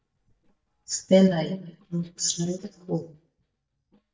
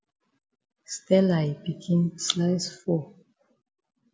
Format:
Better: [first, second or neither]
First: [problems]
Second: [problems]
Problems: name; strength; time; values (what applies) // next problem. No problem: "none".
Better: second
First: noise reduction (neural mask model DeepFilterNet 3)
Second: none